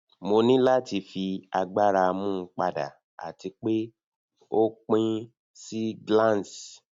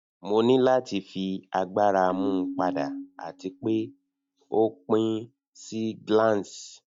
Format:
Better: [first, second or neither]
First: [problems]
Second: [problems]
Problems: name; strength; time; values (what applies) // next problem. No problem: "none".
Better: first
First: none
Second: noise reduction (neural mask model DeepFilterNet 3)